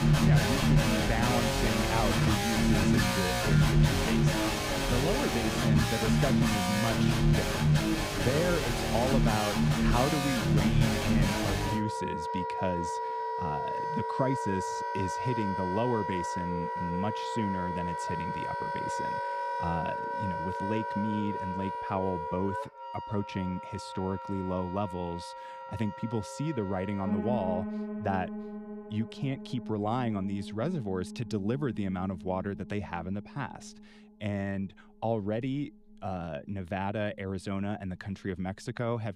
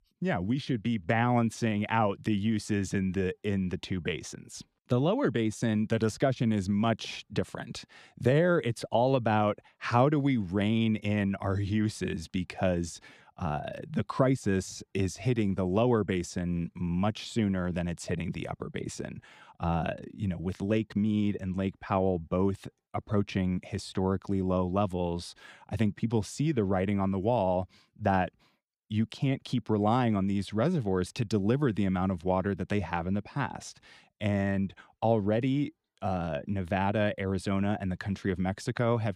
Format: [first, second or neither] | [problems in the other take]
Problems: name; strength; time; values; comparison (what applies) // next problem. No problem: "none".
second | background music; very loud; throughout; 4 dB above the speech